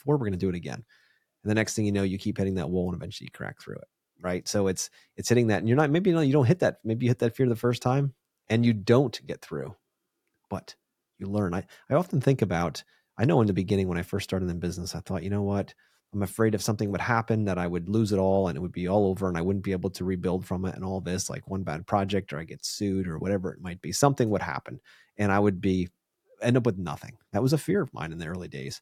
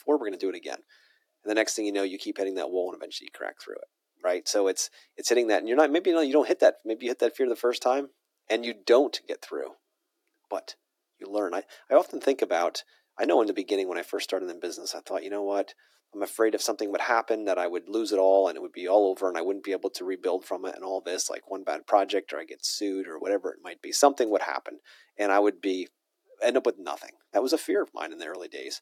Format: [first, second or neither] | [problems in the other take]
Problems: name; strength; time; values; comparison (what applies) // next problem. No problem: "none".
first | thin; very; fading below 300 Hz